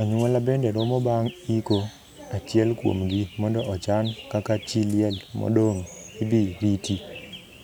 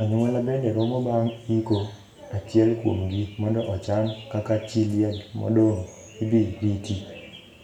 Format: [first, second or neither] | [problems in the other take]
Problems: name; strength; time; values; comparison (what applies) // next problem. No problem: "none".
first | room echo; dies away in 0.6 s